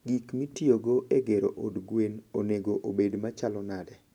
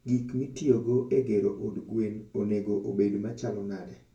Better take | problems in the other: first | room echo; dies away in 0.3 s

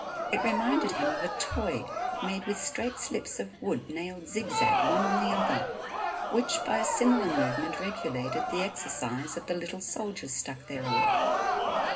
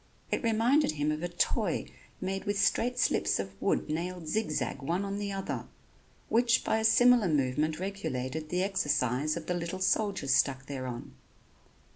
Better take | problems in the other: second | background sound (Crowd); 1 dB above the speech // room echo; dies away in 0.2 s

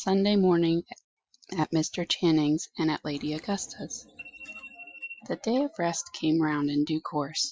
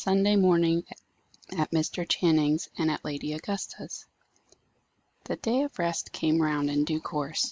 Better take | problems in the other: second | noise reduction (classical method Wiener filter)

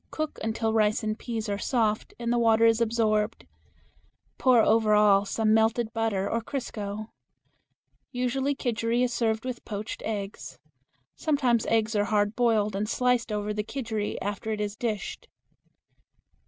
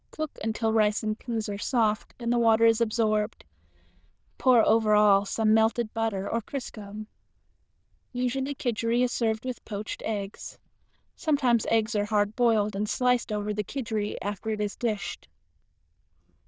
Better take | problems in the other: first | noise reduction (neural diffusion model UNIVERSE++)

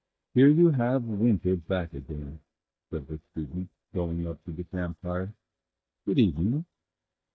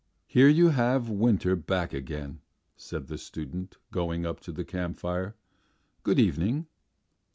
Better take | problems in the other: second | noise reduction (neural mask model DeepFilterNet 3)

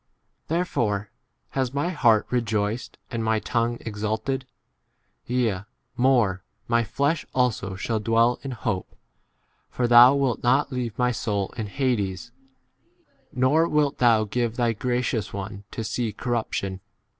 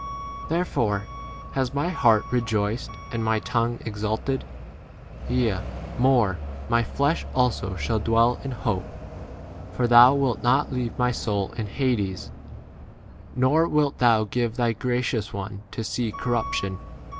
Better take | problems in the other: first | background sound (Alarm / Truck); 11 dB below the speech

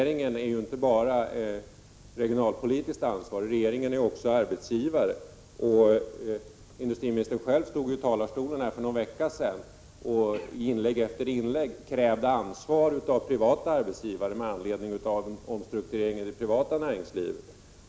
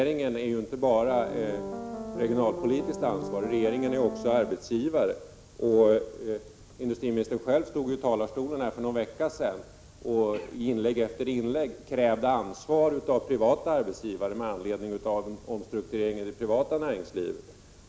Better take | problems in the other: first | background sound (Piano); 8 dB below the speech

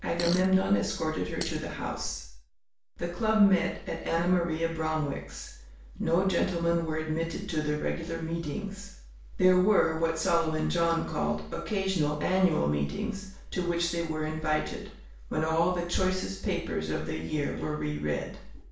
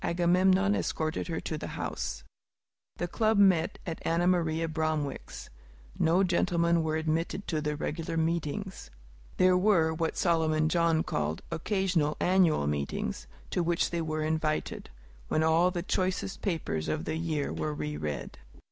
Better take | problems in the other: second | background sound (Fart); 13 dB below the speech // room echo; dies away in 0.5 s

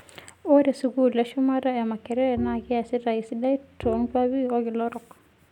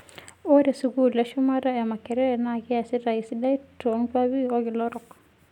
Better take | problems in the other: second | background sound (Bowed string instrument); 14 dB below the speech

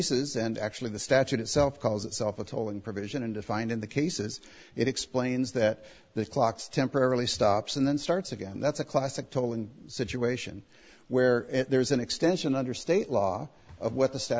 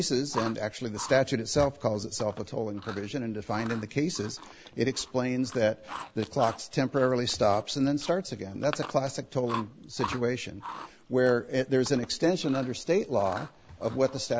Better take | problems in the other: first | background sound (Chewing, mastication); 15 dB below the speech

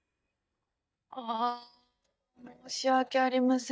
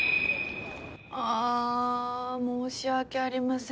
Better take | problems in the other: second | noise reduction (neural mask model DeepFilterNet 3)

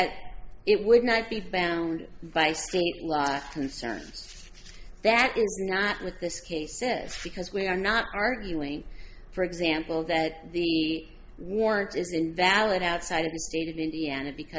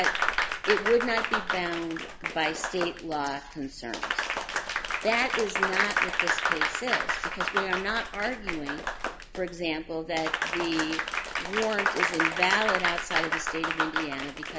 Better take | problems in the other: first | background sound (Applause); 1 dB above the speech

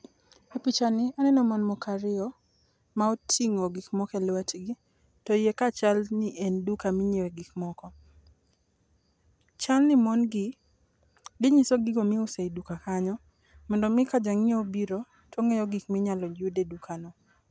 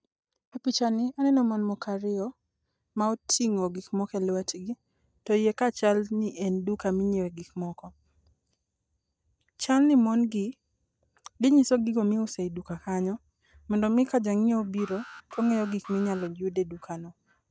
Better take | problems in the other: first | noise reduction (neural mask model DeepFilterNet 3)

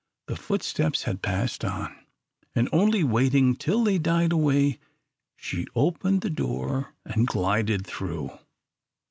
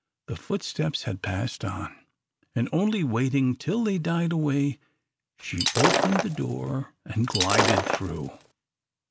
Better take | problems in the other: first | background sound (Shatter); 1 dB above the speech

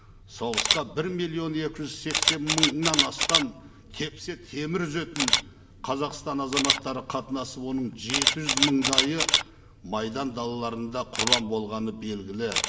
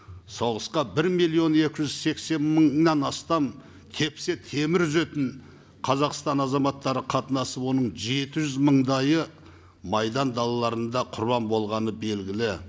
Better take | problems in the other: second | background sound (Camera); 1 dB above the speech // room echo; dies away in 1.4 s

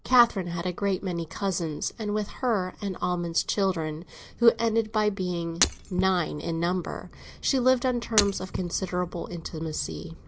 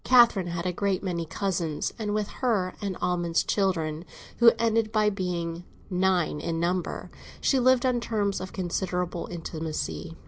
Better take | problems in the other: second | background sound (Shatter); 5 dB below the speech

